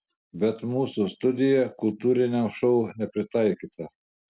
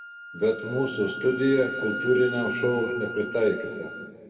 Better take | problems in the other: first | background sound (Wind instrument, woodwind instrument); 9 dB below the speech // room echo; dies away in 1.9 s

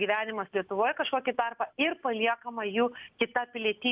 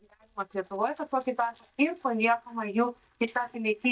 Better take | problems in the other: first | noise reduction (neural mask model DeepFilterNet 3)

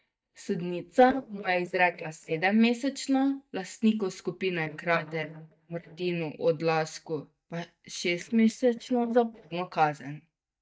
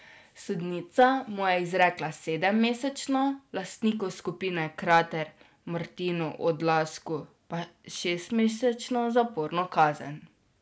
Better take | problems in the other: second | noise reduction (neural mask model DeepFilterNet 3)

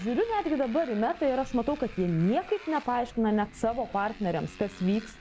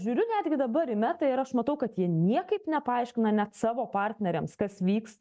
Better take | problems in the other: second | background sound (Motorcycle); 18 dB below the speech

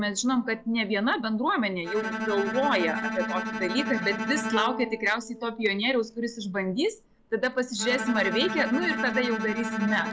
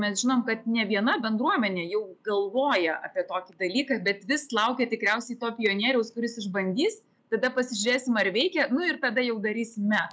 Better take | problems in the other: second | background sound (Bowed string instrument); 6 dB below the speech

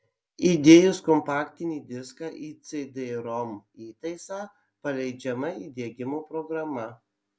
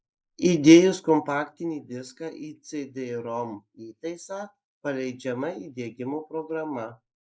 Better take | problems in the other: first | noise reduction (neural mask model Resemble Enhance denoiser)

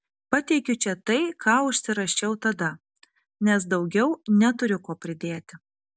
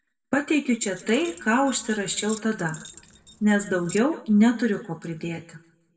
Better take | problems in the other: first | background sound (Keys jangling); 19 dB below the speech // room echo; dies away in 0.6 s

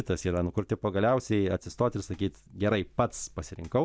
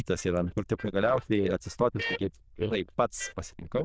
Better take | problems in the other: first | noise reduction (neural diffusion model UNIVERSE++)

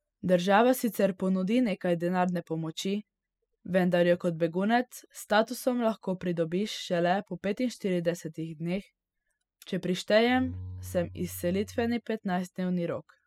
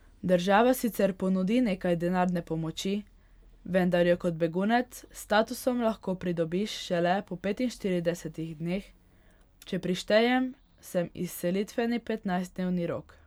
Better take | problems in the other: second | noise reduction (classical method spectral subtraction)

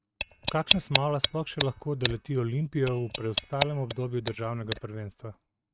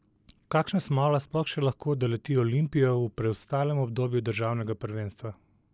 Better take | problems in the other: second | noise reduction (neural mask model RNNoise)

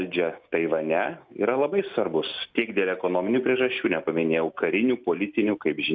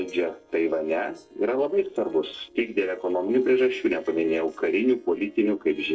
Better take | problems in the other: first | noise reduction (neural separator model SepFormer DNS4)

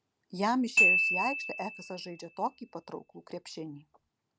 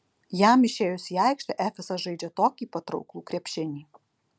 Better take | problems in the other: second | background sound (Glockenspiel); 5 dB above the speech

